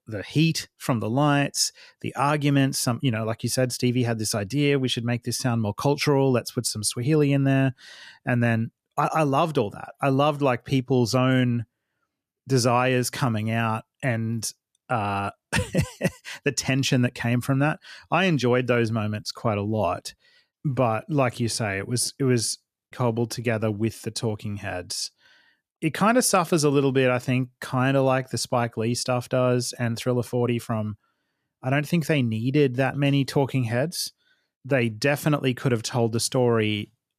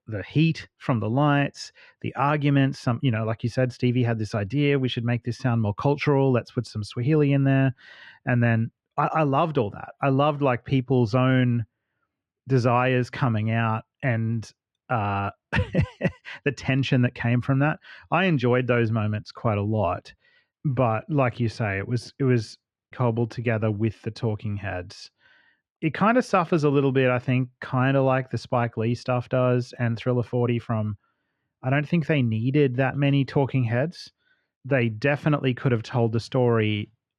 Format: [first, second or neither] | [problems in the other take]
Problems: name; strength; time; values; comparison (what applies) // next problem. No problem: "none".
first | muffled; slightly; fading above 2.5 kHz